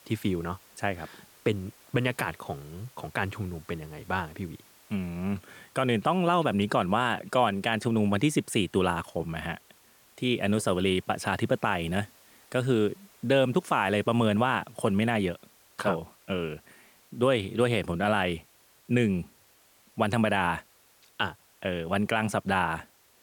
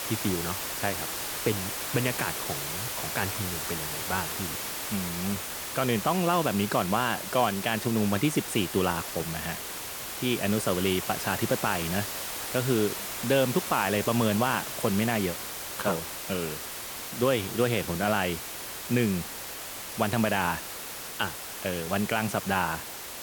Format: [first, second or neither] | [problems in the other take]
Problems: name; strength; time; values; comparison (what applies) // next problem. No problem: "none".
first | hiss; loud; throughout; 4 dB below the speech; faint in the first